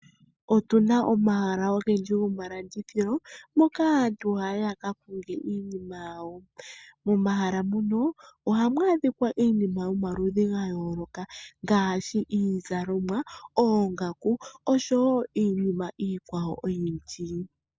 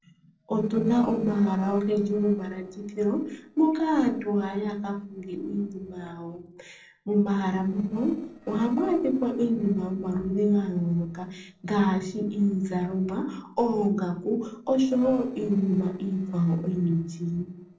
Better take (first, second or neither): first